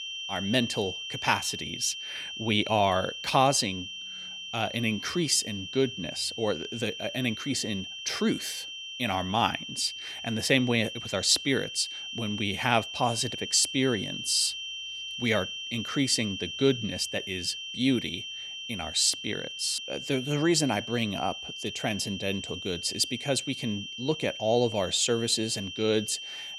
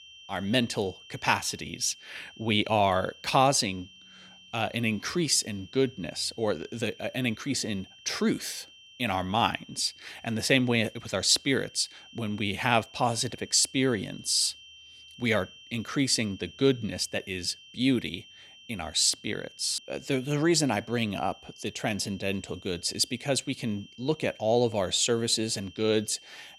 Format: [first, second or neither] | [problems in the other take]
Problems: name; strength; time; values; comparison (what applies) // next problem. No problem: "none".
second | high-pitched whine; loud; throughout; 3 kHz, 8 dB below the speech; faint in the second